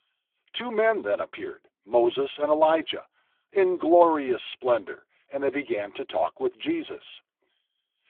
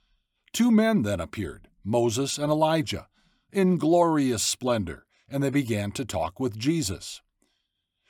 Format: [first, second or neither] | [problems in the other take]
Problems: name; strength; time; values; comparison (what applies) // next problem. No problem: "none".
second | phone-call audio; poor line; nothing above 3.5 kHz